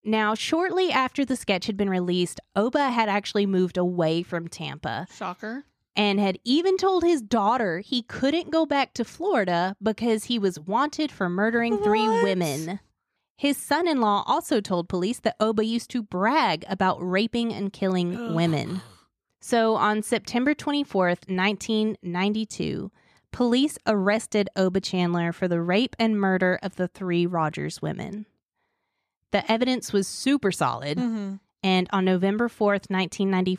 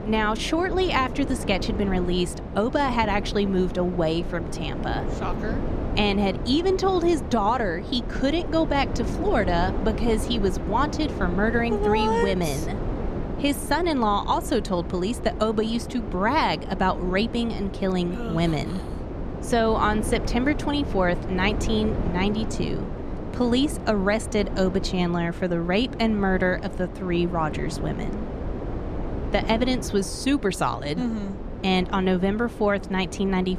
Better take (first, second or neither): first